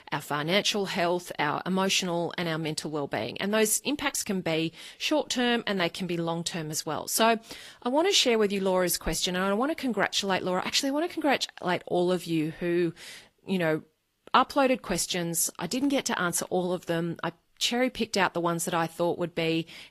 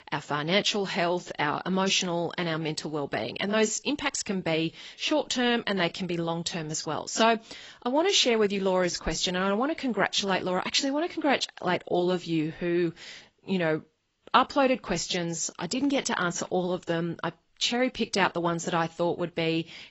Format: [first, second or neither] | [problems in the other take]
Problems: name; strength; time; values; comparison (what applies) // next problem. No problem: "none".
first | garbled, watery; badly; nothing above 8 kHz; slightly in the first